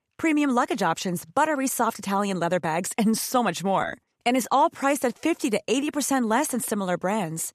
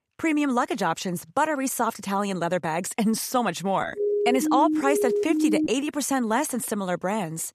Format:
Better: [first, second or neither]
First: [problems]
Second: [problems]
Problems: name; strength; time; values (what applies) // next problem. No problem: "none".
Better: first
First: none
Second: siren; loud; from 4 to 5.5 s; peak 1 dB above the speech